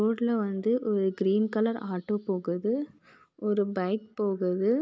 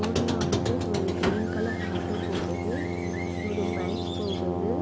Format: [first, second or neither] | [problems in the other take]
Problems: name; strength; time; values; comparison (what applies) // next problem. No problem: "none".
first | background sound (Squeak + Brass instrument); 4 dB above the speech